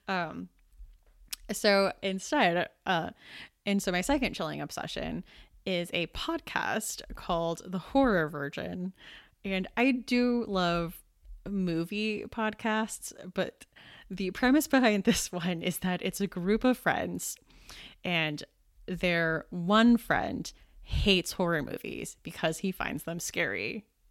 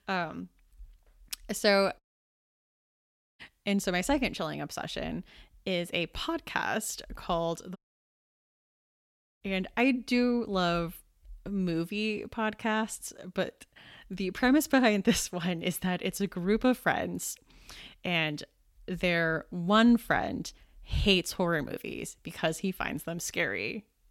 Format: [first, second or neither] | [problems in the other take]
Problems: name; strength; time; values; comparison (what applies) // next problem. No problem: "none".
first | audio cutting out; at 2 s for 1.5 s and at 8 s for 1.5 s